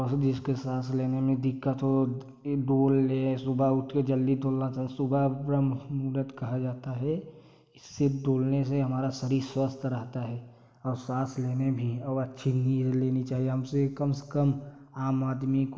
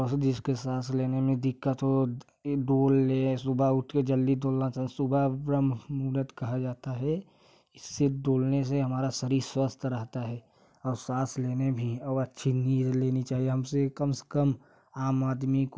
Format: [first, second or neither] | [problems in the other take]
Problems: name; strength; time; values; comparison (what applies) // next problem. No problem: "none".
second | room echo; dies away in 1.3 s